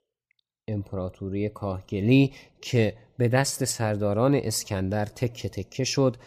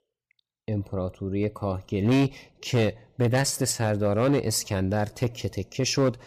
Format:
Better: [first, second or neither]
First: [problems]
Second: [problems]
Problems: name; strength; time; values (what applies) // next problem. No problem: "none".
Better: first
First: none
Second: distortion; slight; 5% of the sound clipped